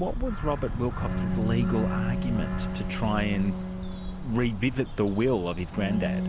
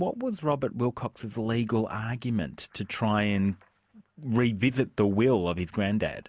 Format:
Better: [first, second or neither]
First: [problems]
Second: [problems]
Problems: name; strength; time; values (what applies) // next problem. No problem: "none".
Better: second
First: background sound (Bird vocalization, bird call, bird song + Bowed string instrument); 1 dB below the speech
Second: none